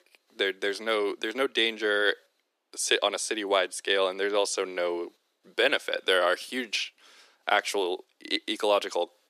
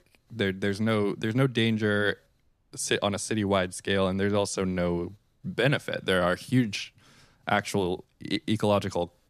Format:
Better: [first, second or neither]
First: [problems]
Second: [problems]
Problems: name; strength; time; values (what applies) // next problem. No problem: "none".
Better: second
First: thin; very; fading below 350 Hz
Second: none